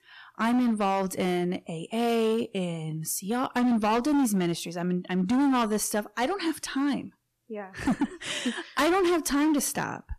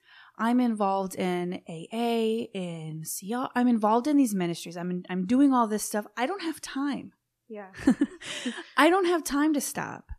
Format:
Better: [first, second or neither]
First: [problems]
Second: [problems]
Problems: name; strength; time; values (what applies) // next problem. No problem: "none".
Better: second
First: distortion; heavy; 14% of the sound clipped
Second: none